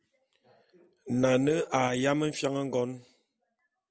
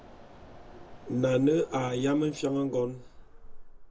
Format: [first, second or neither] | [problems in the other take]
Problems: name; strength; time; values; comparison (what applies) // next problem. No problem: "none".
first | background sound (Mechanisms); 16 dB below the speech // room echo; dies away in 0.2 s